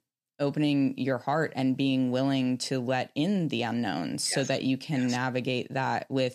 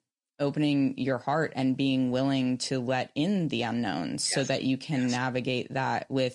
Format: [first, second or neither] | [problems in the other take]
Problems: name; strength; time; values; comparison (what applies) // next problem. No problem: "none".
first | garbled, watery; slightly